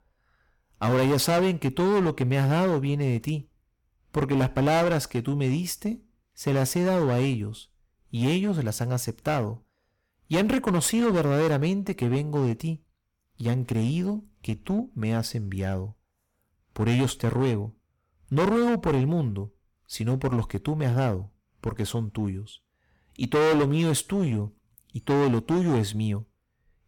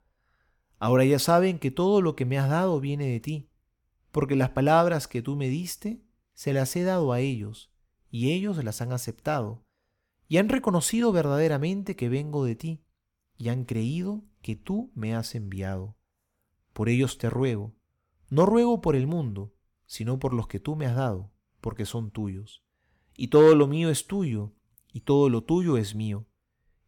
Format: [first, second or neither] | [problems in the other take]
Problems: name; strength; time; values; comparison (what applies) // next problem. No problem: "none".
second | distortion; heavy; 12% of the sound clipped